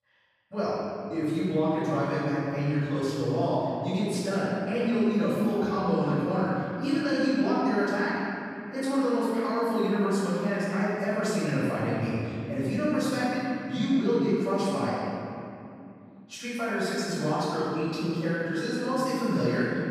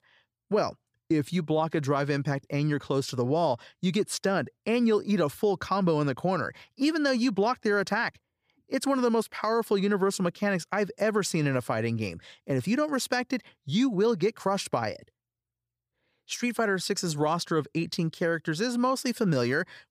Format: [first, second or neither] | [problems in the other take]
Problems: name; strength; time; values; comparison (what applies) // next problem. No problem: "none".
second | off-mic speech; far // room echo; strong; dies away in 2.6 s